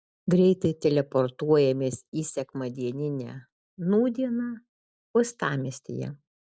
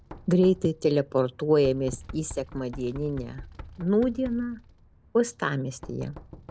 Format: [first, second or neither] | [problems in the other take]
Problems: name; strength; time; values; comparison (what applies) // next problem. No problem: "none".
first | background sound (Knock); 17 dB below the speech